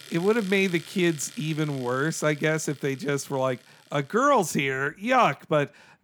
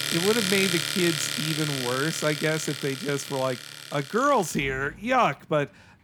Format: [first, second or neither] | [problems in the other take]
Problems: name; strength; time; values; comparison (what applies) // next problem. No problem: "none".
first | household noises; loud; throughout; 3 dB below the speech; faint in the first